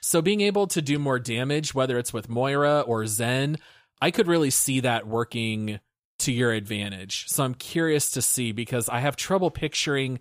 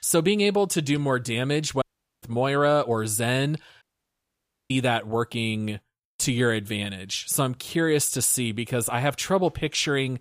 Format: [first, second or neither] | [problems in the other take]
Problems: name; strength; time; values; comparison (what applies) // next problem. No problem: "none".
first | audio cutting out; at 2 s and at 4 s for 1 s